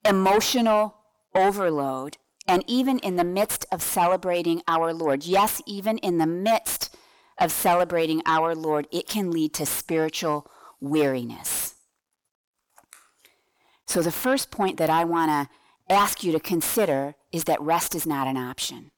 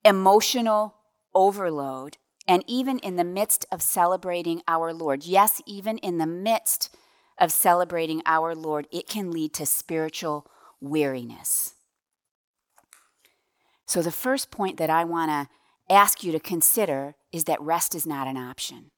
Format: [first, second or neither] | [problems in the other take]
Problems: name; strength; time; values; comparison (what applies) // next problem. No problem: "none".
second | distortion; heavy; 6 dB below the speech